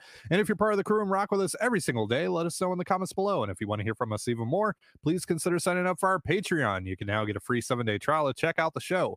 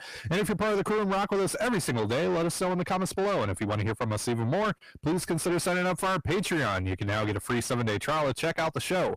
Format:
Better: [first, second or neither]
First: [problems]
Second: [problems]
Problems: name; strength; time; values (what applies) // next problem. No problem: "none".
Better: first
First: none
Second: distortion; heavy; 6 dB below the speech